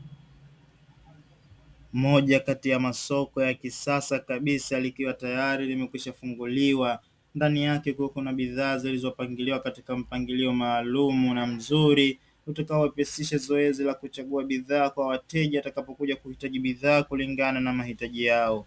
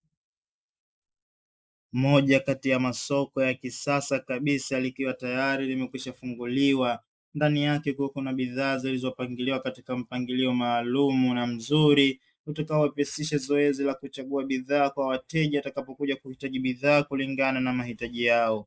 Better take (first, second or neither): first